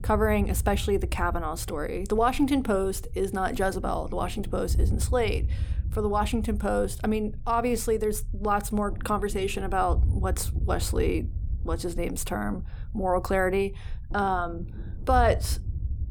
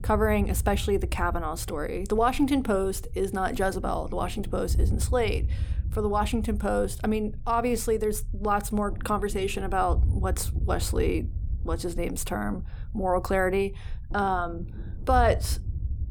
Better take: neither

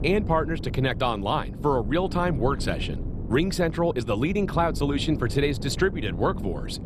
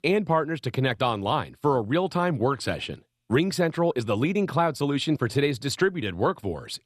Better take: second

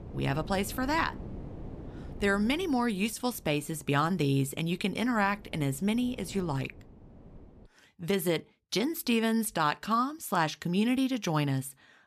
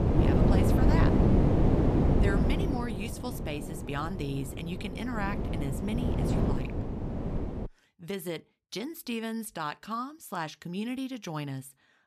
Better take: first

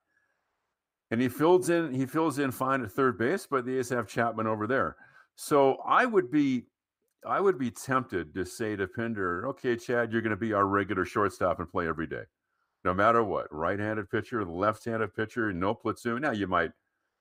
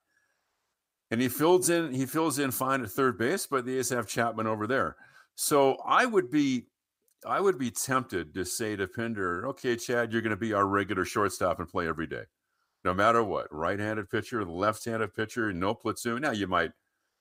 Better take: second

